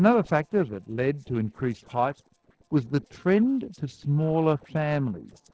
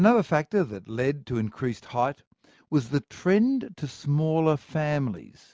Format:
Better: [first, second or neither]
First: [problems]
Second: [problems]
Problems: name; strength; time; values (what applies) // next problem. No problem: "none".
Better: second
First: noise reduction (neural separator model SepFormer DNS4)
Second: none